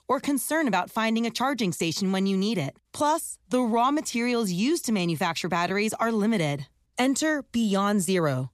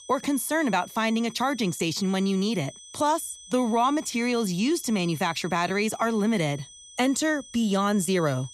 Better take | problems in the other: first | high-pitched whine; noticeable; throughout; 3.5 kHz, 20 dB below the speech

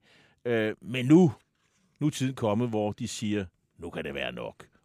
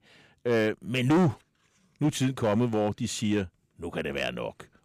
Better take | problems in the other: first | distortion; heavy; 4% of the sound clipped

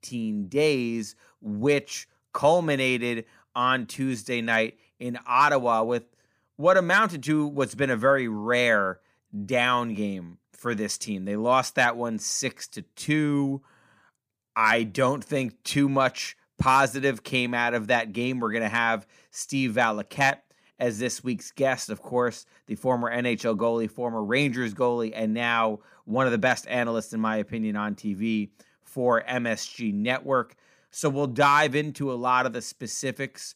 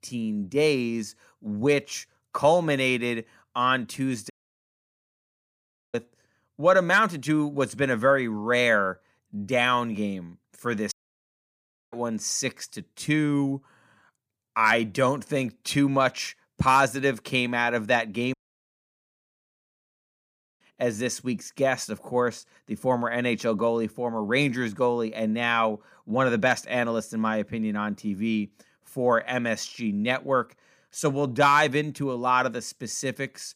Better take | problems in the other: first | audio cutting out; at 4.5 s for 1.5 s, at 11 s for 1 s and at 18 s for 2.5 s

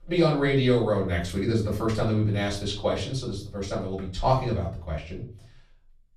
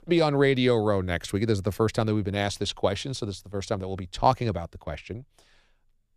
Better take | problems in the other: second | room echo; slight; dies away in 0.4 s // off-mic speech; far

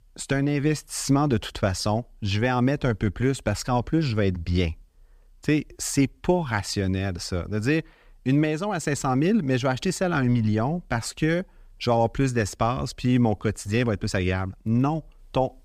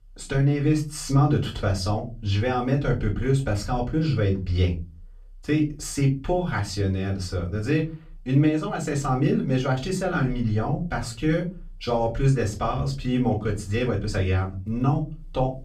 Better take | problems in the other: first | off-mic speech; far // room echo; very slight; dies away in 0.3 s

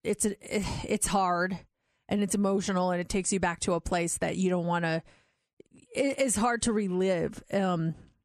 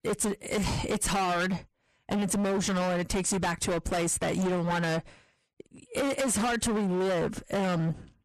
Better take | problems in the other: first | distortion; heavy; 30% of the sound clipped

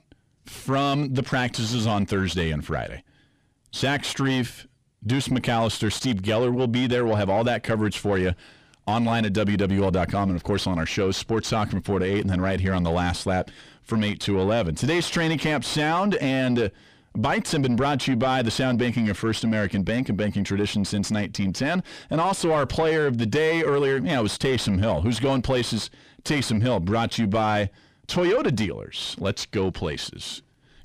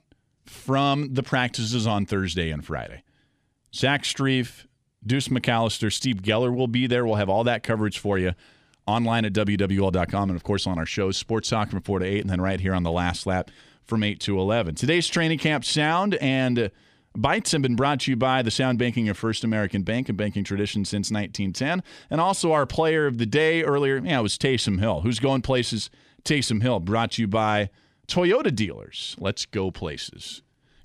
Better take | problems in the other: second | distortion; slight; 9 dB below the speech

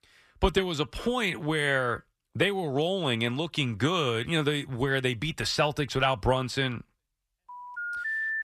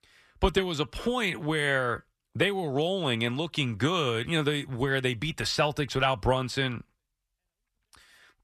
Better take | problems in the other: second | phone ringing; noticeable; at 7.5 s; peak 1 dB below the speech

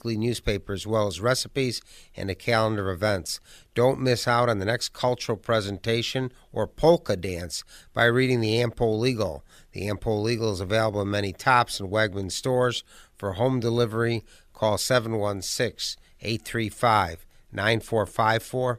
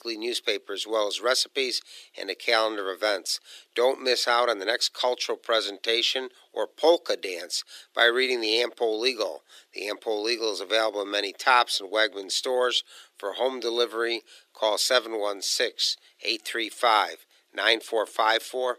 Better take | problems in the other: first | thin; very; fading below 300 Hz

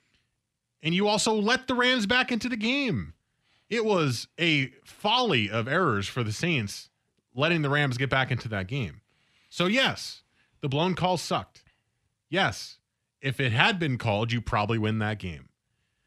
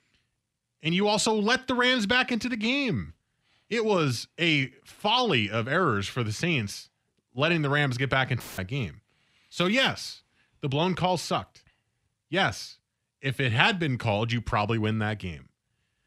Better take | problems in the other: first | audio cutting out; filled with static; at 8.5 s

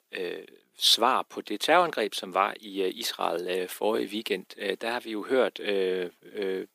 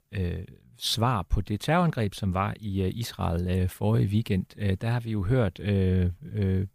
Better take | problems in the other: second | thin; very; fading below 300 Hz

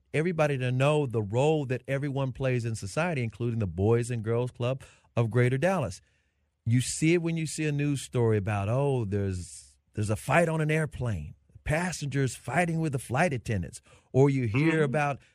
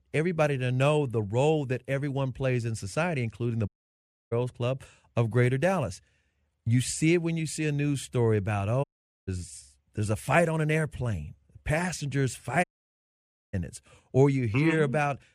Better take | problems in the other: first | audio cutting out; at 3.5 s for 0.5 s, at 9 s and at 13 s for 1 s

